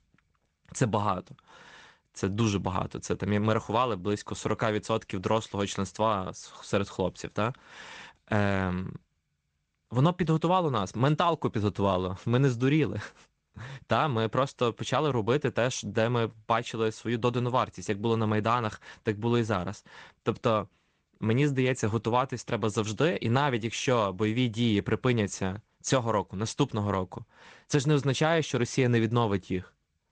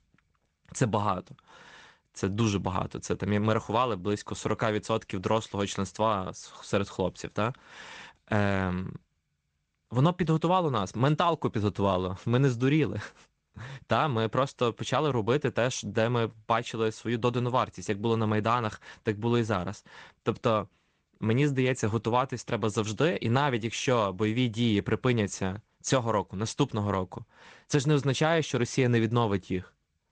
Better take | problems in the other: neither | garbled, watery; slightly; nothing above 8 kHz; the same in both

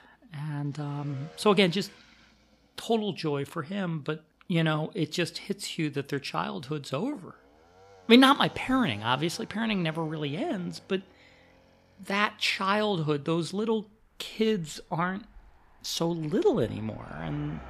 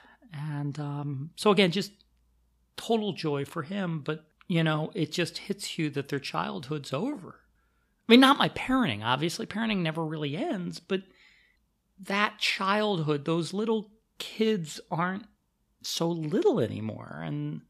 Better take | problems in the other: second | traffic noise; faint; throughout; 25 dB below the speech

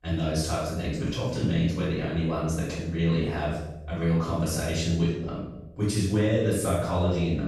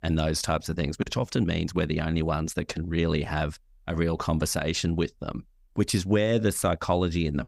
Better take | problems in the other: second | room echo; strong; dies away in 0.9 s // off-mic speech; far

